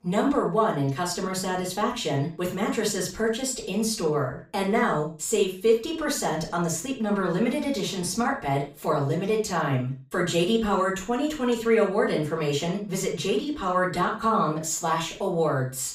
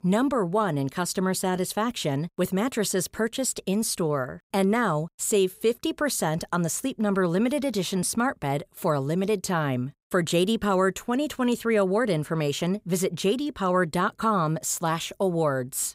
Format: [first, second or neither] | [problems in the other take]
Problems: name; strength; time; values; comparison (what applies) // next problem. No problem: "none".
second | room echo; slight; dies away in 0.3 s // off-mic speech; far